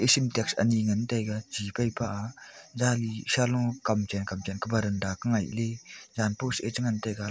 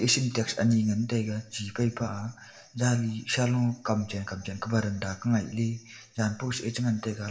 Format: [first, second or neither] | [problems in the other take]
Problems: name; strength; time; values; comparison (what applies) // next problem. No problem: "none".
first | room echo; dies away in 0.6 s